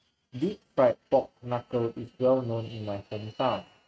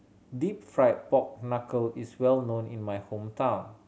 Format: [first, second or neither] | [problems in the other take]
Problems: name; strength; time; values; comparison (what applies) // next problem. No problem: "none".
second | noise reduction (neural mask model RNNoise)